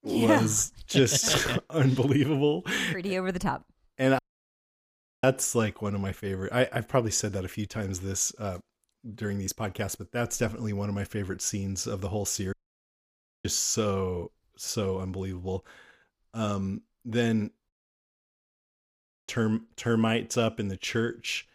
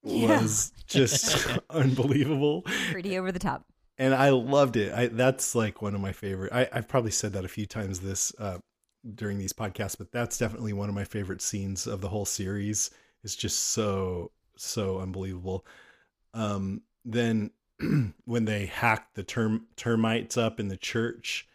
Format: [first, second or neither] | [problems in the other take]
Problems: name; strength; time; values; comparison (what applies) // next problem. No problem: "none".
second | audio cutting out; at 4 s for 1 s, at 13 s for 1 s and at 18 s for 1.5 s